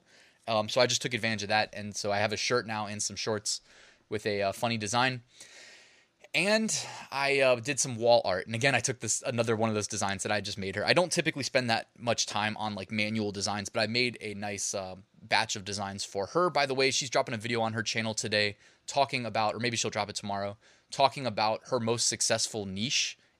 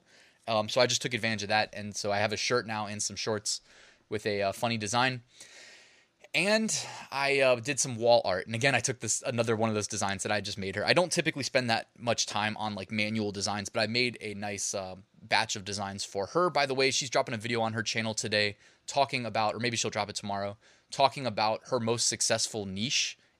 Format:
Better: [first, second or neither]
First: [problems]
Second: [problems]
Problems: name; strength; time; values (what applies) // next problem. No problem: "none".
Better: neither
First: none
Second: none